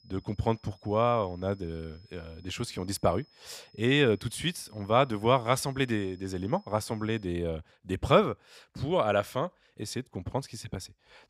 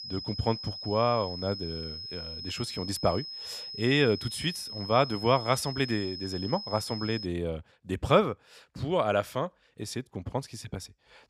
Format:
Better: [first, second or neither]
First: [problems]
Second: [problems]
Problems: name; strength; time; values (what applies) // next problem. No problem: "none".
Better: first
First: high-pitched whine; faint; until 7.5 s; 5 kHz, 30 dB below the speech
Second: high-pitched whine; loud; until 7.5 s; 5 kHz, 8 dB below the speech